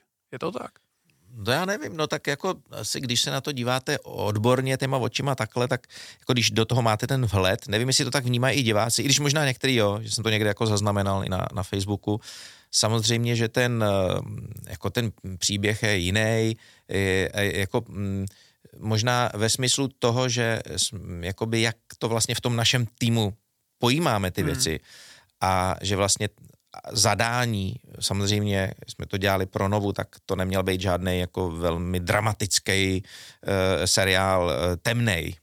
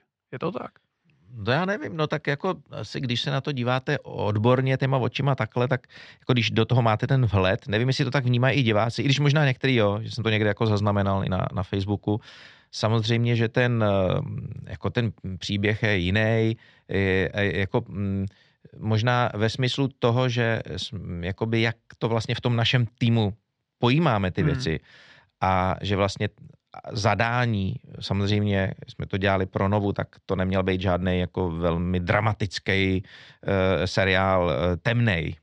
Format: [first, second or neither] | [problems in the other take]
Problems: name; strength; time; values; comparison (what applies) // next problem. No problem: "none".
first | muffled; slightly; fading above 3.5 kHz